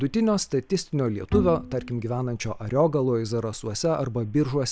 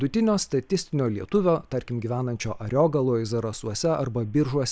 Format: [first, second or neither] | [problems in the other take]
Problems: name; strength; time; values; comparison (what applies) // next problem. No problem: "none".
second | background sound (Bowed string instrument); 7 dB below the speech